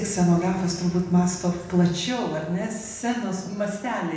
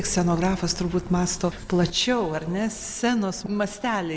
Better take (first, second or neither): second